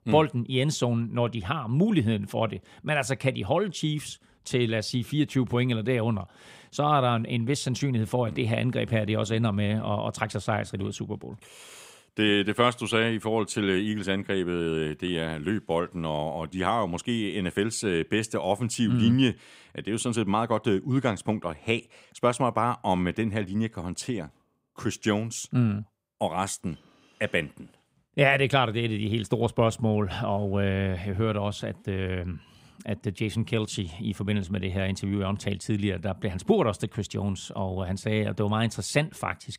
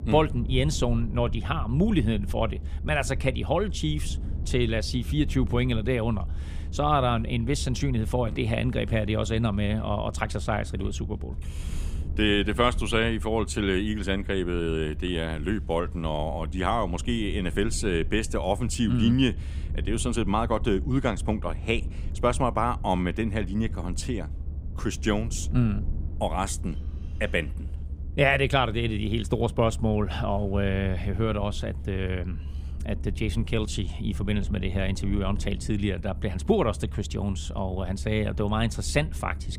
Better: first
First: none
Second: low rumble; faint; throughout; 20 dB below the speech

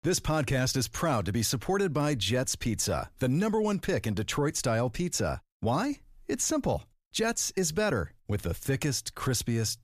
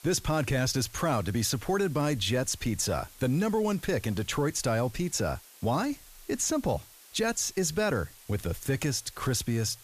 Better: first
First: none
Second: hiss; faint; throughout; 20 dB below the speech

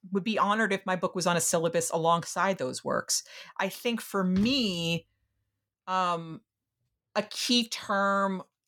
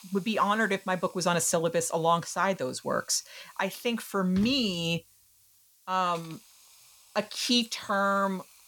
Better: first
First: none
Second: hiss; faint; throughout; 25 dB below the speech

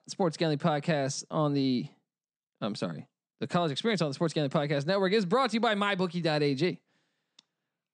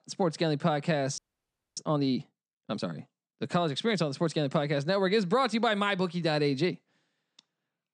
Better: first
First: none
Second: audio freezing; at 1 s for 0.5 s

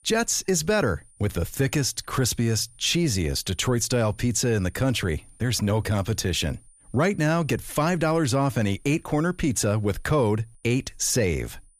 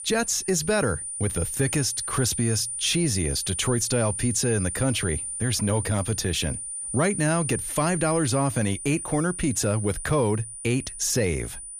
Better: first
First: high-pitched whine; faint; throughout; 9.5 kHz, 30 dB below the speech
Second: high-pitched whine; loud; throughout; 9.5 kHz, 5 dB below the speech

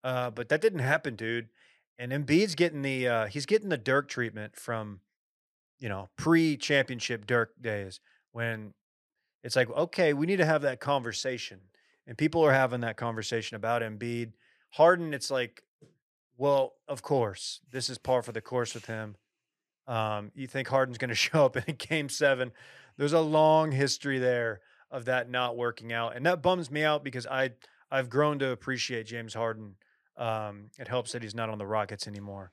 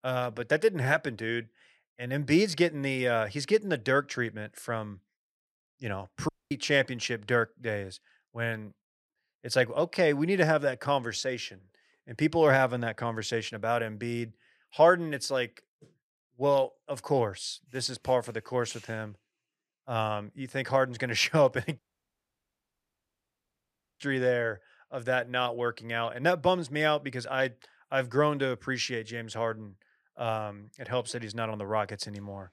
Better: first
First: none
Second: audio cutting out; at 6.5 s and at 22 s for 2 s

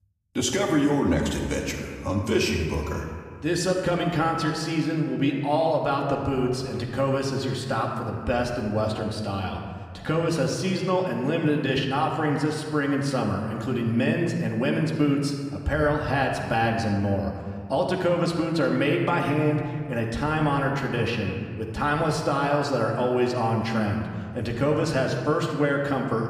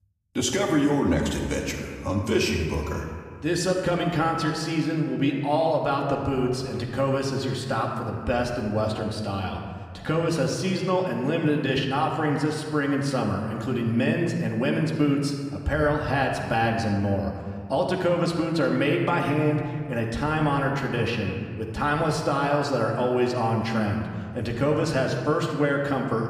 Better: neither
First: room echo; noticeable; dies away in 1.6 s // off-mic speech; somewhat distant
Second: room echo; noticeable; dies away in 1.6 s // off-mic speech; somewhat distant

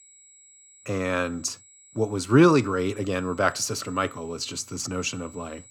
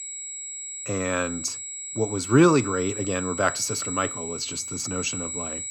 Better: first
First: high-pitched whine; faint; throughout; 7.5 kHz, 25 dB below the speech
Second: high-pitched whine; loud; throughout; 7.5 kHz, 6 dB below the speech

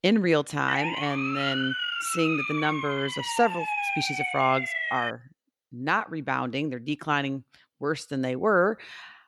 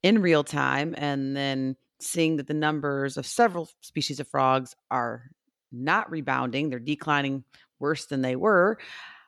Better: second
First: siren; loud; from 0.5 to 5 s; peak level with the speech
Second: none

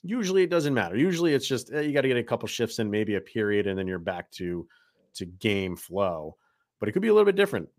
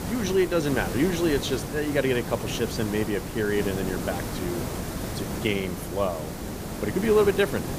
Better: first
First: none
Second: hiss; loud; throughout; 6 dB below the speech

